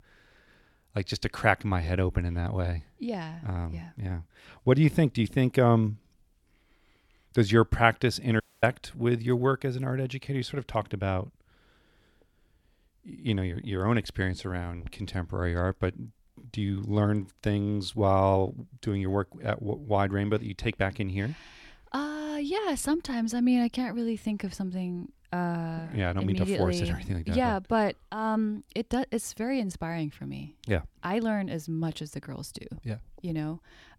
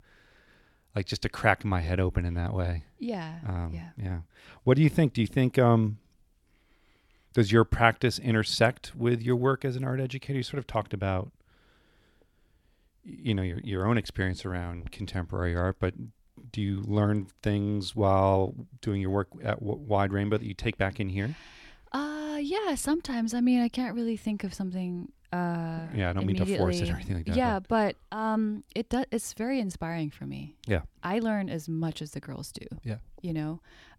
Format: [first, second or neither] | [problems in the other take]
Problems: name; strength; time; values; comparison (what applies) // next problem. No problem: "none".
second | audio cutting out; at 8.5 s